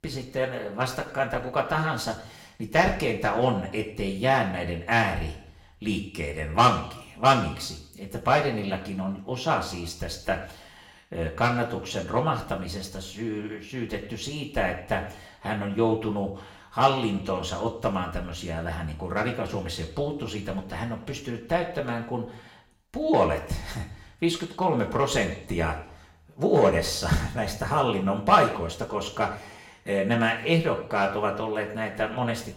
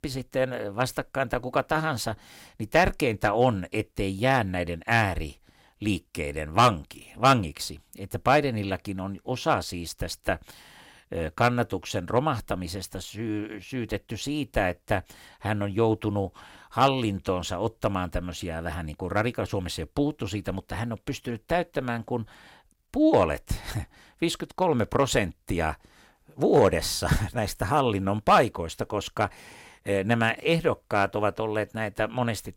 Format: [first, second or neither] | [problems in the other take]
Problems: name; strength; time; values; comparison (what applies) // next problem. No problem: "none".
second | room echo; slight; dies away in 0.6 s // off-mic speech; somewhat distant